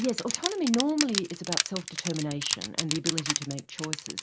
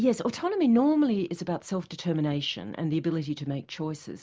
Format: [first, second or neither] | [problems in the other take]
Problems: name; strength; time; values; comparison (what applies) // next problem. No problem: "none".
second | background sound (Crushing); 2 dB below the speech